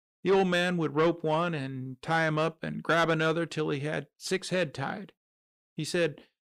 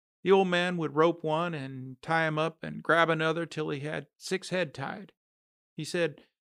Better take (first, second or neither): second